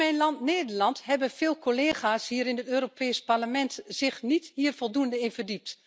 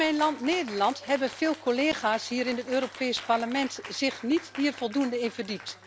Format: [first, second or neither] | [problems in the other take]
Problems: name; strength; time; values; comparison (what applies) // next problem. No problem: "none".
first | background sound (Cheering); 16 dB below the speech